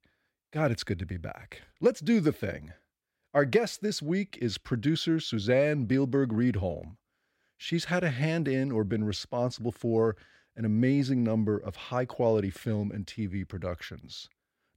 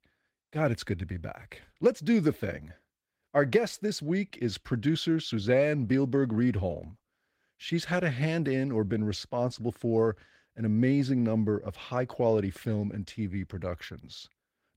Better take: first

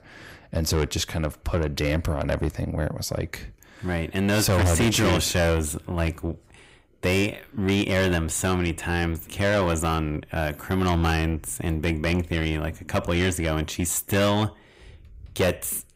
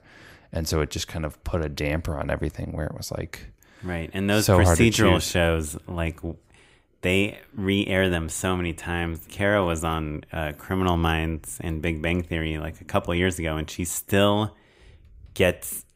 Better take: second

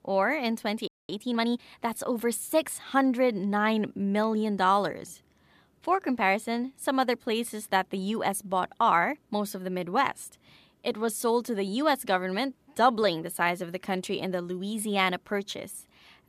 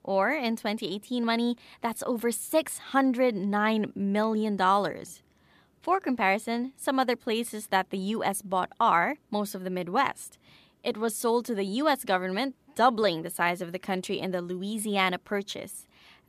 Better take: second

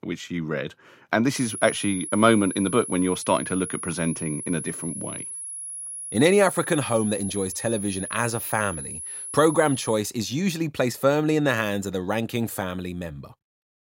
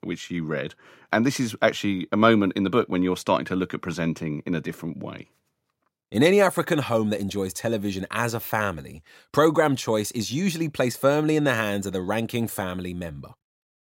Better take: second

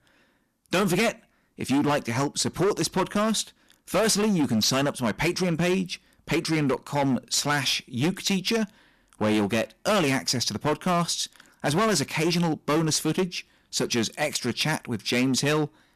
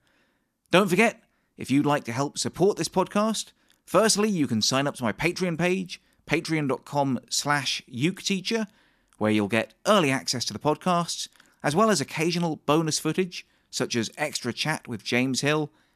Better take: second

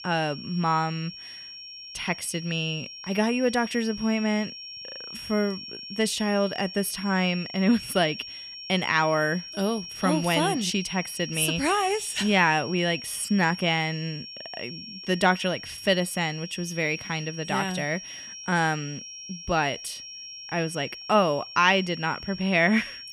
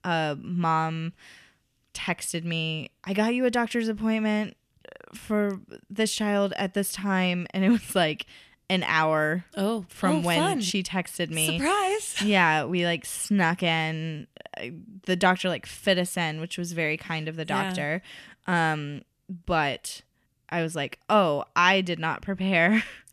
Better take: second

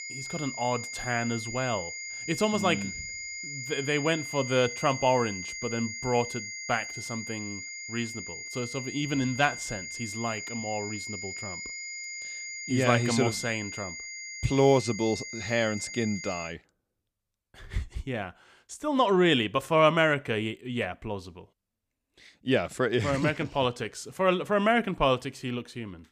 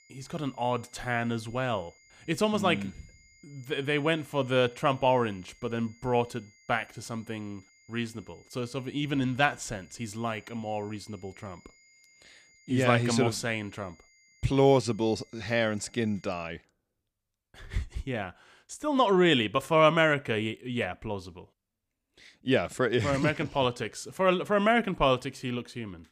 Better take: second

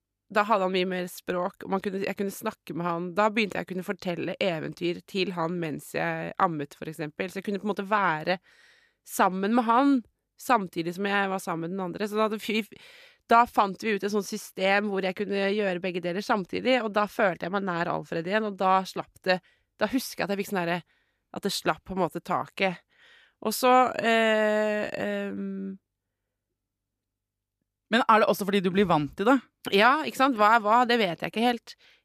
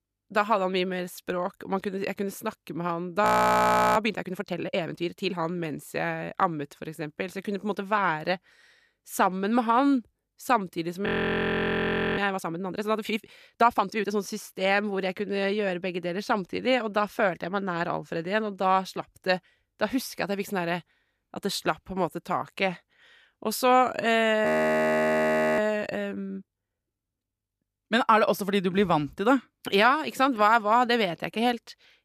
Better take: first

